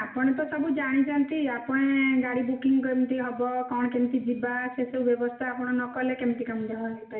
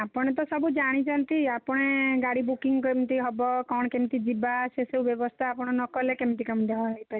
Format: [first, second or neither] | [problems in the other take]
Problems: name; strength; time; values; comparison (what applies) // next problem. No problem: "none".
second | room echo; dies away in 0.7 s